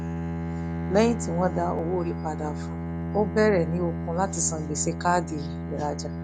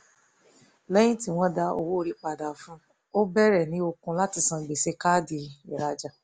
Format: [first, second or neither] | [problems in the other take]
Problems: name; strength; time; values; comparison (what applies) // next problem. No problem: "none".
second | background sound (Bowed string instrument); 4 dB below the speech